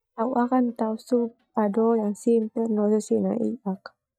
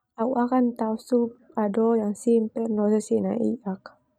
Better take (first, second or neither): second